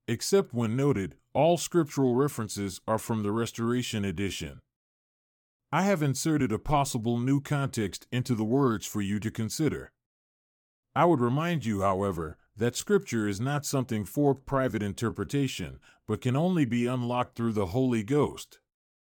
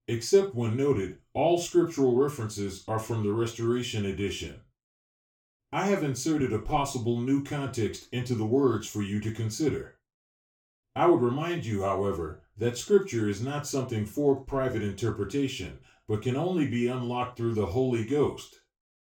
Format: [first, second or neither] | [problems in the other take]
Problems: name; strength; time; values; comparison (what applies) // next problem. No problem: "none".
first | room echo; slight; dies away in 0.3 s // off-mic speech; far